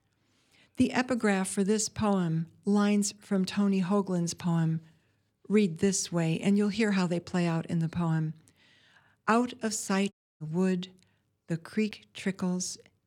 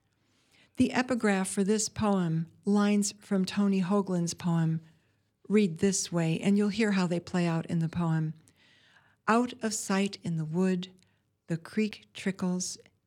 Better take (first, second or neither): second